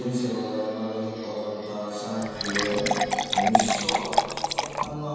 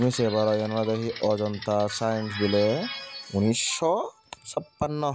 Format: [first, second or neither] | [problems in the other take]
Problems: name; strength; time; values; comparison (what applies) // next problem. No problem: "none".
second | background sound (Fill (with liquid) / Water); 4 dB above the speech // room echo; dies away in 2.1 s